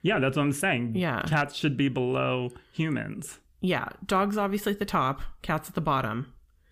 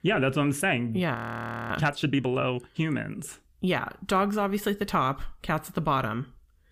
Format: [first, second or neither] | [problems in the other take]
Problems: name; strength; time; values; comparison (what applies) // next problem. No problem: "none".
first | audio freezing; at 1 s for 0.5 s